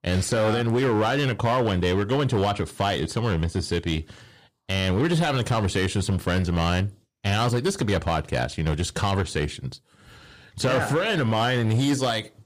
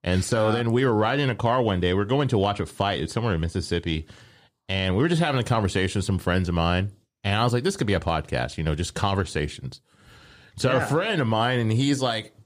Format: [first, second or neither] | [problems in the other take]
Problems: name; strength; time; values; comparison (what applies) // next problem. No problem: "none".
second | distortion; slight; 10% of the sound clipped